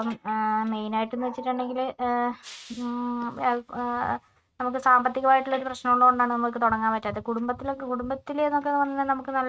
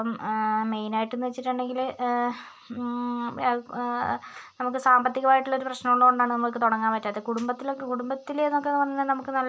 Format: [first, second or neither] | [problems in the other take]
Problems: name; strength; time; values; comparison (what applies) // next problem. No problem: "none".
second | noise reduction (neural mask model RNNoise)